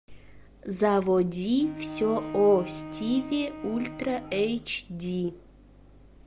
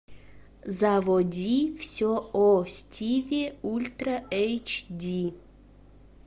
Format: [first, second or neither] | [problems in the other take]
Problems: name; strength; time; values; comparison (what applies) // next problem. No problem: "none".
second | background sound (Bowed string instrument); 11 dB below the speech